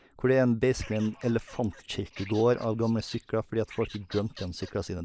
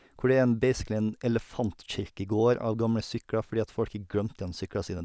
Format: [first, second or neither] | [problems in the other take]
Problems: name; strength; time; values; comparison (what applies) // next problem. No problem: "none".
second | noise reduction (neural mask model Resemble Enhance denoiser)